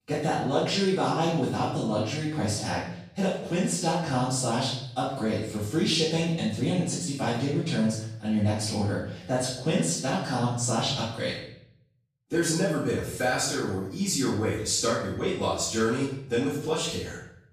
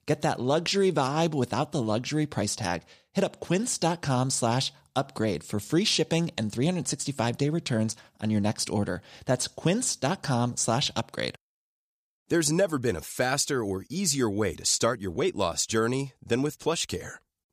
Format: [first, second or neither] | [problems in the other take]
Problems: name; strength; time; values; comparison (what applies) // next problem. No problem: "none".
second | off-mic speech; far // room echo; noticeable; dies away in 0.6 s